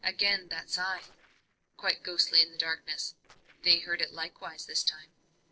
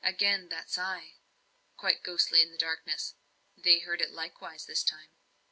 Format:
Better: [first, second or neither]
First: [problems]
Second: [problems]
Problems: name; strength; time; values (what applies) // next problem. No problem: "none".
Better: second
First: noise reduction (neural separator model SepFormer DNS4)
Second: none